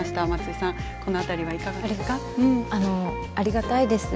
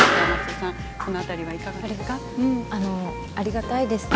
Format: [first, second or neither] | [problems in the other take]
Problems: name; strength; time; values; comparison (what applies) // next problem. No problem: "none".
first | background sound (Explosion); as loud as the speech